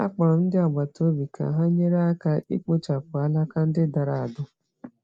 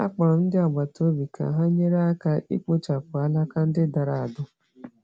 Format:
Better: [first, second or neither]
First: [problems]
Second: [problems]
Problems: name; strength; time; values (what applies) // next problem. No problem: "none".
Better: second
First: noise reduction (neural mask model Resemble Enhance denoiser)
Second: none